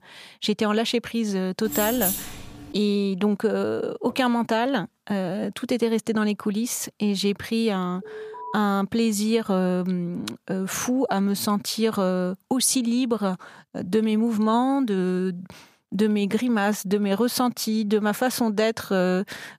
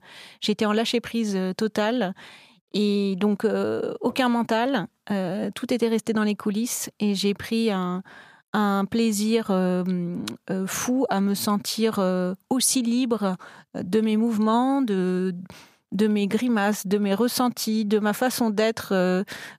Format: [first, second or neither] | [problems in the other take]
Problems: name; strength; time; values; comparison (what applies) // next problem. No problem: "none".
second | jangling keys; loud; from 1.5 to 2.5 s; peak level with the speech // alarm; faint; at 8 s; peak 10 dB below the speech